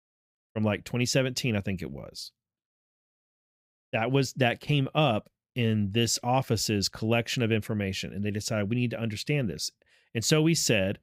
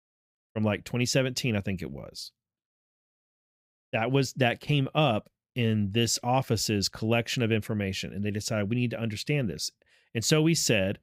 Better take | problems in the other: neither | none

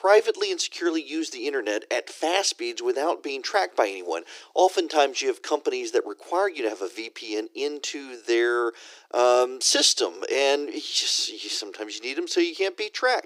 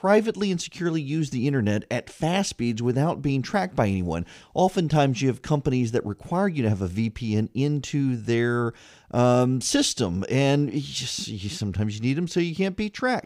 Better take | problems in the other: second | thin; very; fading below 350 Hz

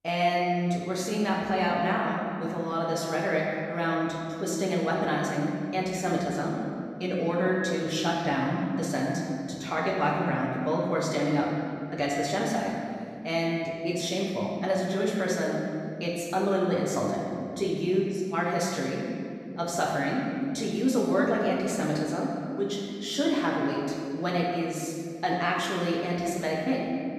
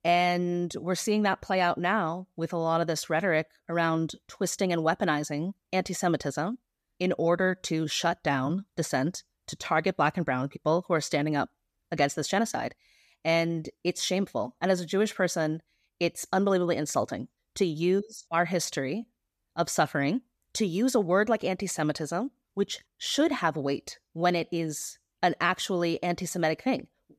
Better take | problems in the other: second | off-mic speech; far // room echo; noticeable; dies away in 2.2 s

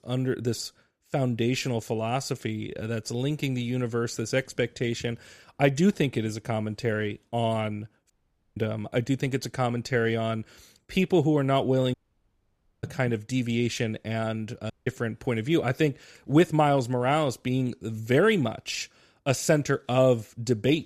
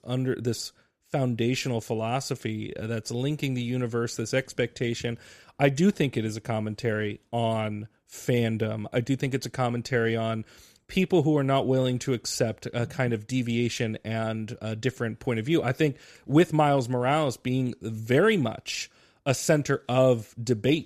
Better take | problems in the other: second | audio cutting out; at 8 s, at 12 s for 1 s and at 15 s

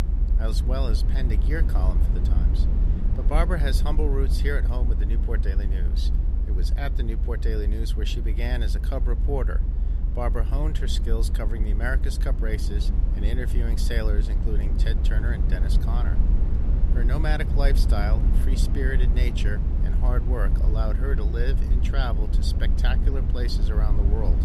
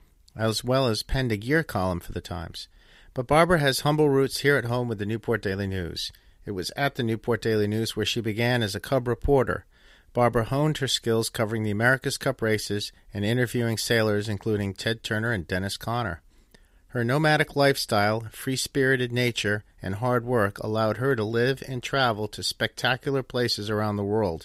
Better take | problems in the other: second | low rumble; loud; throughout; 7 dB below the speech

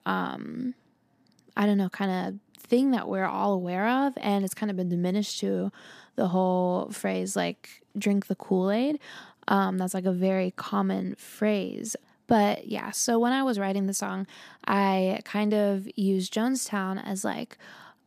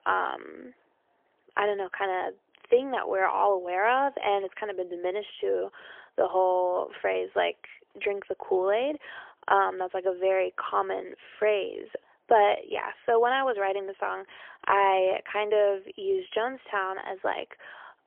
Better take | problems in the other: first | phone-call audio; poor line; nothing above 3.5 kHz

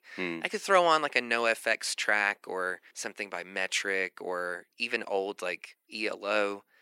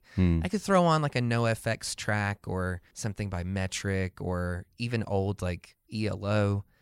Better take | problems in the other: second | thin; very; fading below 300 Hz

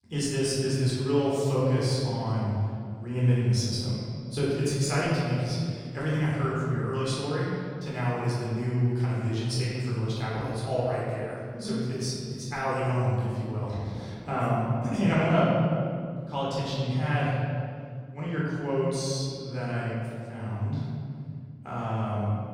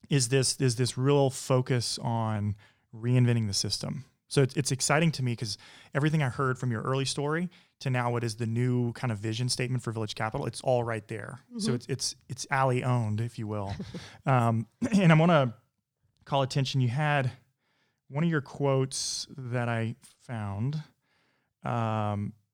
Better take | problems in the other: second | room echo; strong; dies away in 2.2 s // off-mic speech; far

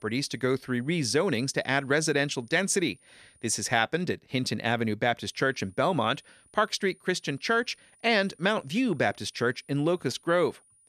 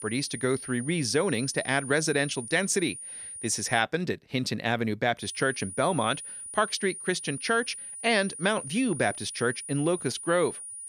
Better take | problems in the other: first | high-pitched whine; loud; until 4 s and from 5 s on; 9.5 kHz, 10 dB below the speech; faint in the first

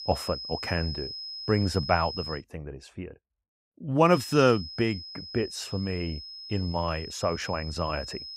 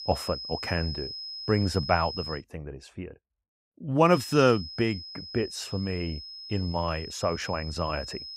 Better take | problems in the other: neither | high-pitched whine; loud; until 2.5 s and from 4 s on; 5 kHz, 9 dB below the speech; the same in both

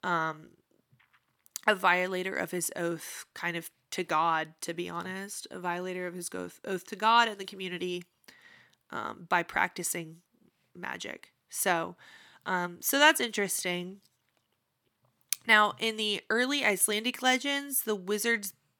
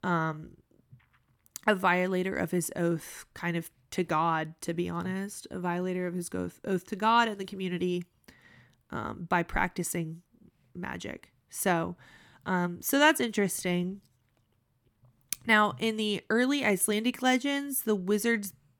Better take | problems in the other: second | thin; somewhat; fading below 1 kHz

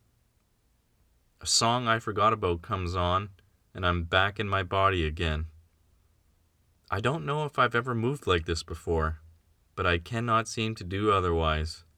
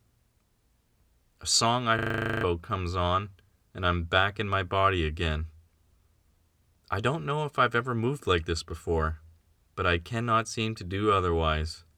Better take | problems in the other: first | audio freezing; at 2 s

